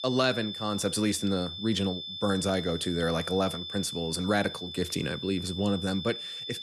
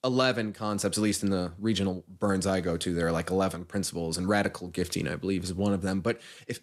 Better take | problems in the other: second | high-pitched whine; loud; throughout; 3.5 kHz, 7 dB below the speech

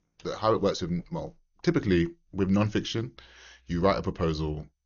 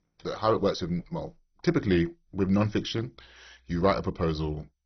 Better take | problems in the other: first | garbled, watery; badly; nothing above 6 kHz; slightly in the first

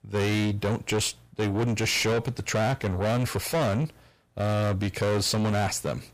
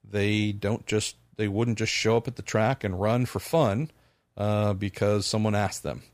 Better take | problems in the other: second | distortion; heavy; 6 dB below the speech

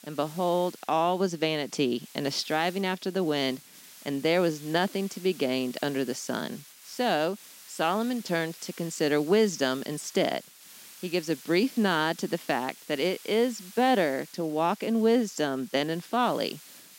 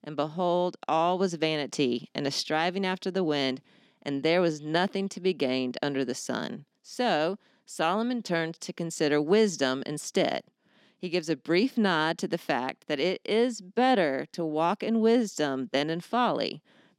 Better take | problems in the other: second | hiss; noticeable; throughout; 20 dB below the speech

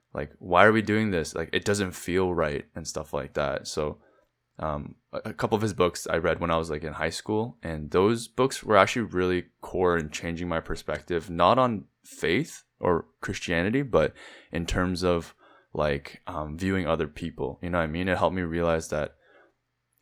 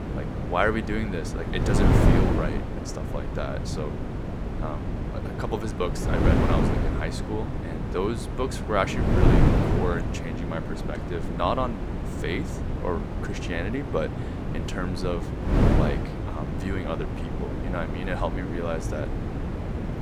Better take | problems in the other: first | wind noise on the microphone; heavy; 2 dB below the speech

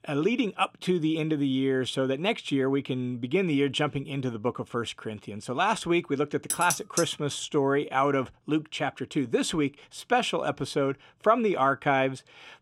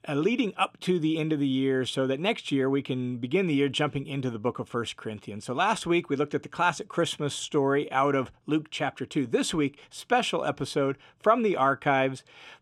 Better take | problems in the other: second | clattering dishes; noticeable; at 6.5 s; peak 2 dB below the speech

